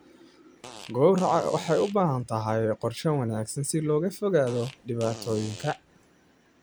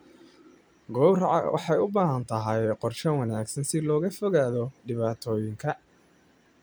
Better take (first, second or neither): second